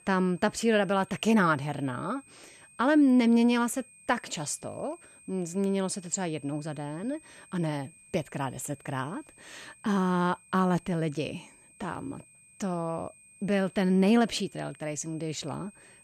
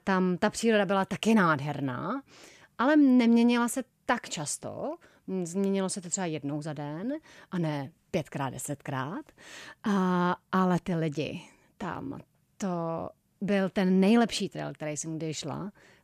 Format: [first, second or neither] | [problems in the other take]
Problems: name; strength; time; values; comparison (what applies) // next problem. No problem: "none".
second | high-pitched whine; faint; throughout; 8.5 kHz, 25 dB below the speech